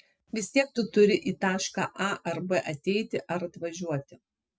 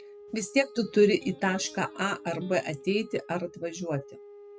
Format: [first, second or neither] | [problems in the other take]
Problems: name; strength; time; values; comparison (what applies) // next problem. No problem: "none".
first | background sound (Wind instrument, woodwind instrument + Electric guitar); 19 dB below the speech